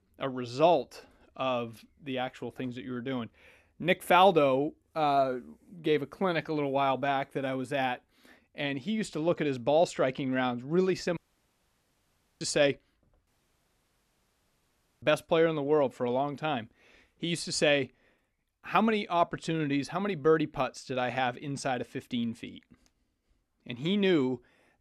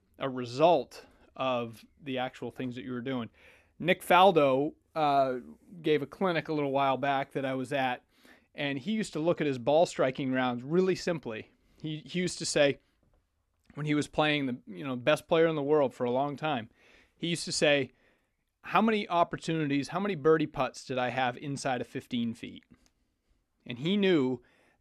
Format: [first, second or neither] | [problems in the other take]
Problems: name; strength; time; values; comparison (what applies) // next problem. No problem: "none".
second | audio cutting out; at 11 s for 1 s and at 13 s for 2 s